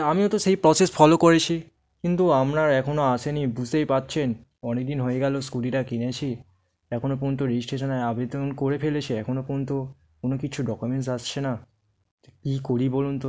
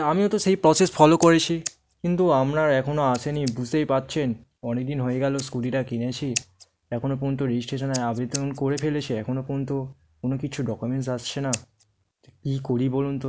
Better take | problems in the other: first | background sound (Scissors); 18 dB below the speech

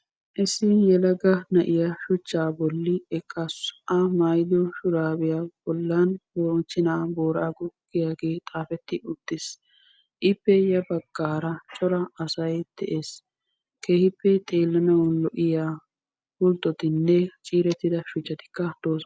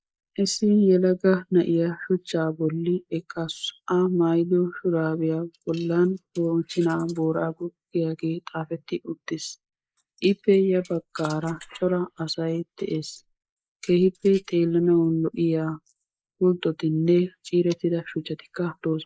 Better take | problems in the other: first | noise reduction (neural mask model Resemble Enhance denoiser)

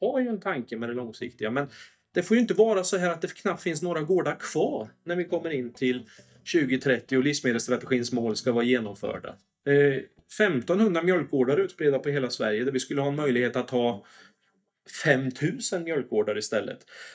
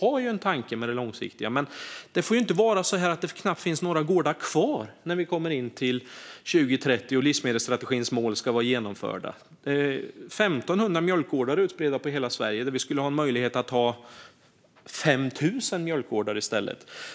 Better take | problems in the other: second | noise reduction (neural mask model DeepFilterNet 3)

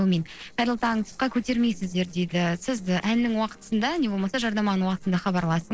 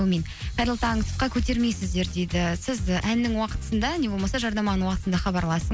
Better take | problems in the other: second | noise reduction (neural separator model SepFormer DNS4)

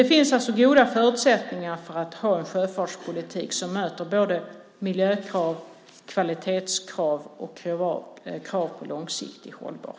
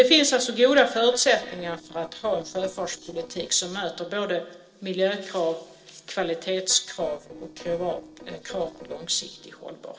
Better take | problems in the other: first | noise reduction (neural separator model SepFormer DNS4)

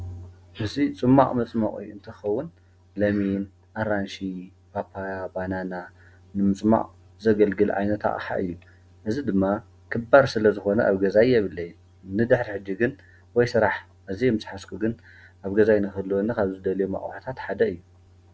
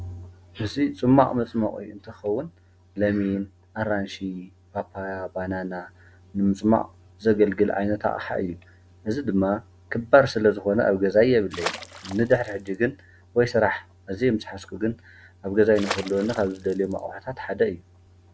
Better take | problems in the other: first | background sound (Water / Splash, splatter); 11 dB below the speech

